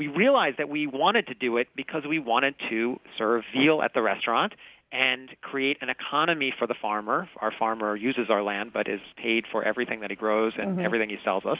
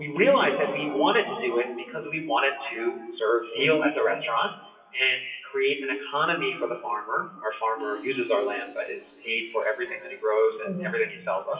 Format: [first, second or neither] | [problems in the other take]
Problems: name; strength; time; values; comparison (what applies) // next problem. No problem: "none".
first | noise reduction (classical method WPE with log-MMSE)